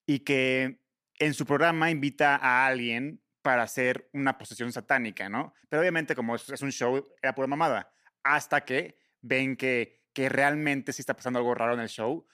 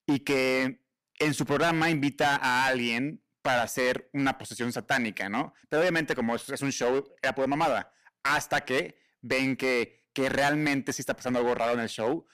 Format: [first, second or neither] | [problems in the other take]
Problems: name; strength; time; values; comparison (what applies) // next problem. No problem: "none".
first | distortion; heavy; 8% of the sound clipped